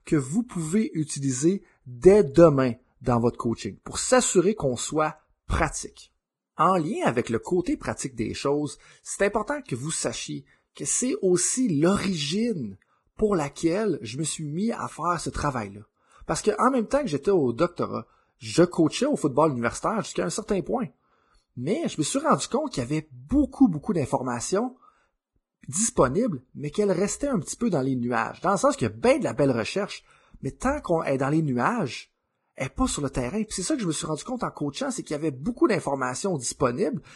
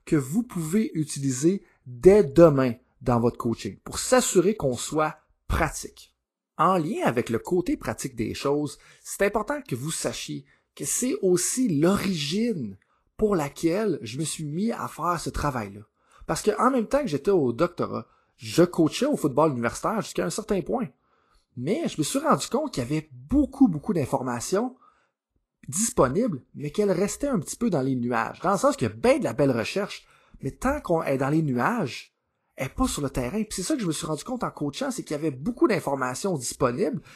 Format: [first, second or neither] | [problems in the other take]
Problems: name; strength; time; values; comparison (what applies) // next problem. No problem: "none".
second | garbled, watery; badly; nothing above 10 kHz; slightly in the second